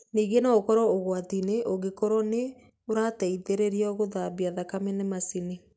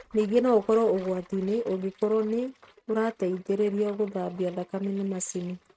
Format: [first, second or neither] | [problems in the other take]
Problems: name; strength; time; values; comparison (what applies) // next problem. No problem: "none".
first | noise reduction (neural mask model RNNoise)